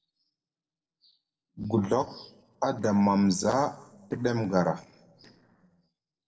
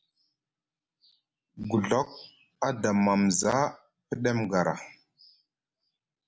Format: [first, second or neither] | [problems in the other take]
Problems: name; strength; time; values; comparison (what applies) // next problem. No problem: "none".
second | noise reduction (neural separator model SepFormer DNS4)